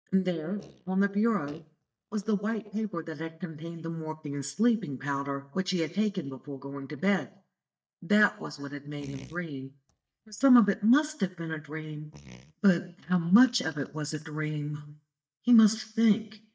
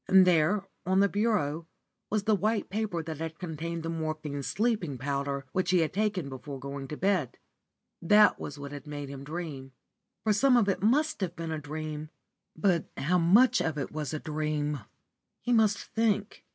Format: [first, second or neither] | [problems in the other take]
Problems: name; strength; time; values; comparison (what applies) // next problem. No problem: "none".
second | noise reduction (neural mask model DeepFilterNet 3)